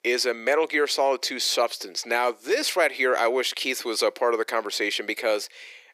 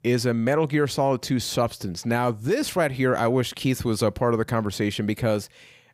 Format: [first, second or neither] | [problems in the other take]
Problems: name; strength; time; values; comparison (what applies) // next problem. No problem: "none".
second | thin; very; fading below 350 Hz